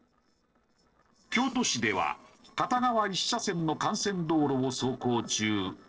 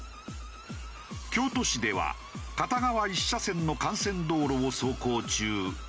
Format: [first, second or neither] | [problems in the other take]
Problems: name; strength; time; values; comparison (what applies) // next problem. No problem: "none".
second | noise reduction (neural separator model SepFormer DNS4)